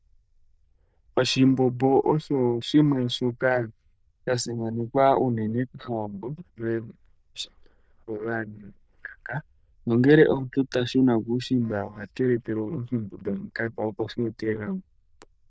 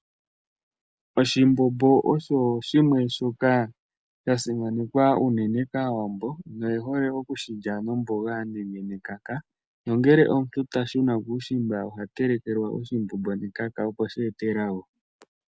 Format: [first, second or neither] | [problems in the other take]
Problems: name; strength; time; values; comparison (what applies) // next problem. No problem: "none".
second | noise reduction (neural diffusion model UNIVERSE++)